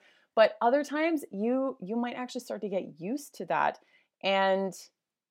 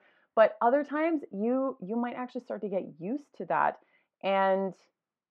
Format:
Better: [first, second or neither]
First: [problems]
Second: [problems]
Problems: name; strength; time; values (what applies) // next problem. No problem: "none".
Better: first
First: none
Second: muffled; very; fading above 2 kHz